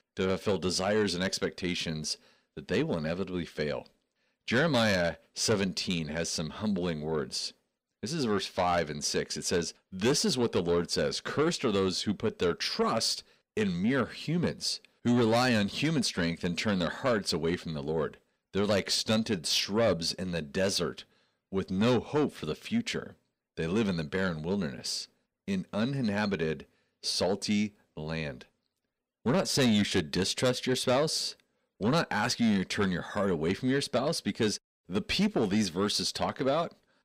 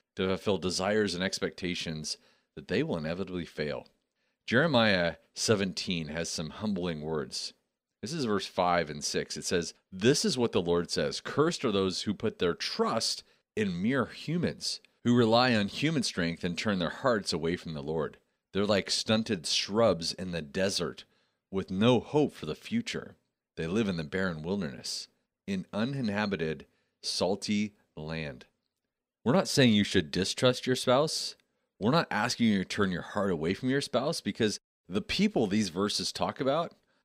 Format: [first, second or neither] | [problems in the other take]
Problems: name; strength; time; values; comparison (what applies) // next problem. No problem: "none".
second | distortion; slight; 10 dB below the speech